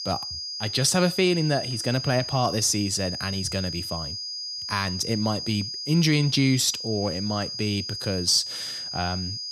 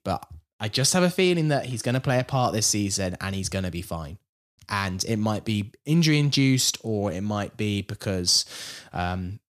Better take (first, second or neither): second